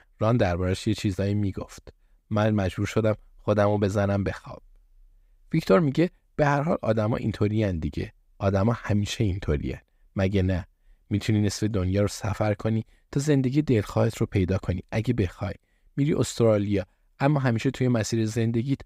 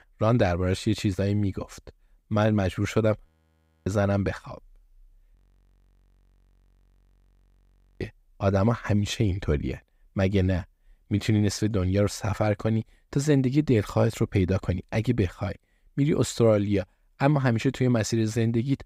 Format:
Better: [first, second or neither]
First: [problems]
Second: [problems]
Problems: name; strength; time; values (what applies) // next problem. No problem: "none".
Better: first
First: none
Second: audio freezing; at 3.5 s for 0.5 s and at 5.5 s for 2.5 s